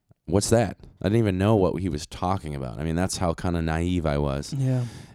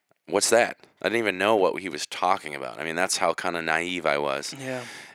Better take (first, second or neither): first